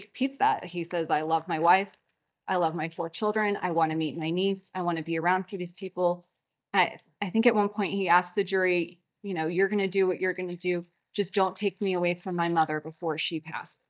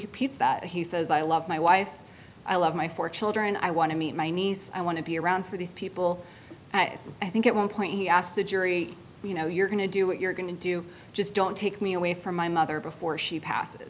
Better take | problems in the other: second | noise reduction (neural mask model DeepFilterNet 3)

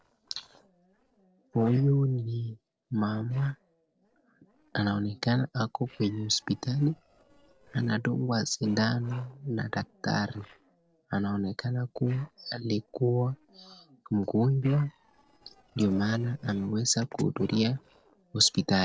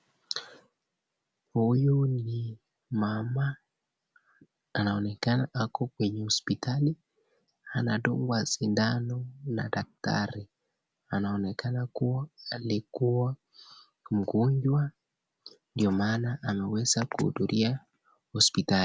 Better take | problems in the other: second | noise reduction (neural separator model SepFormer DNS4)

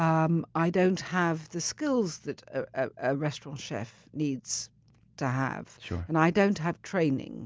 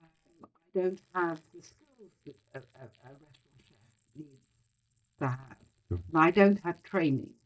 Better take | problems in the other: first | noise reduction (neural mask model DeepFilterNet 3)

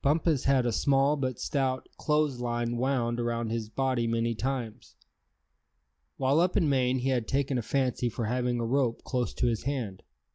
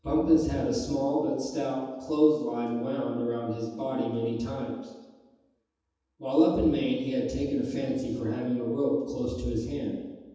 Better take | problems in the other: first | room echo; dies away in 1.1 s

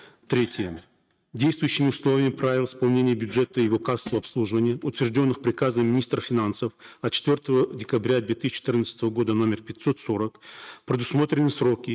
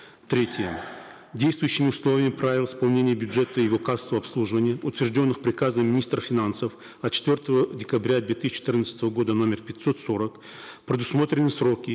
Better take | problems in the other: second | noise reduction (neural mask model RNNoise)

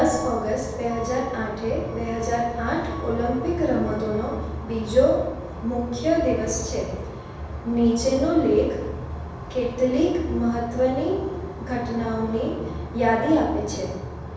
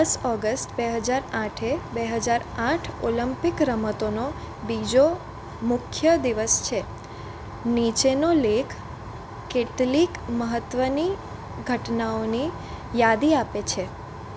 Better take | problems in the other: second | background sound (Alarm / Truck); 16 dB below the speech // room echo; dies away in 1.1 s

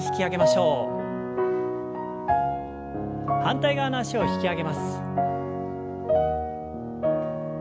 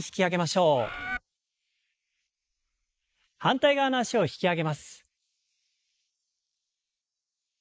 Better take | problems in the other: first | noise reduction (neural mask model Resemble Enhance denoiser)

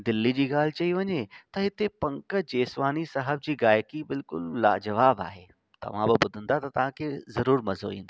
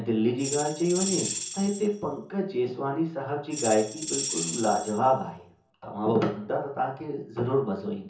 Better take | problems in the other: first | background sound (Tambourine); 6 dB below the speech // room echo; dies away in 0.6 s

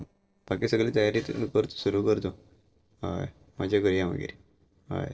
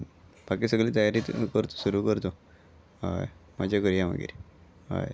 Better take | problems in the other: second | noise reduction (neural separator model SepFormer DNS4)

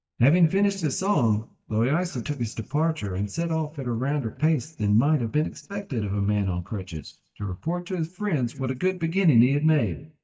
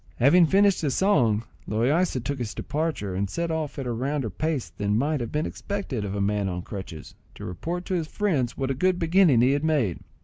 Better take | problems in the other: second | noise reduction (neural mask model DeepFilterNet 3)

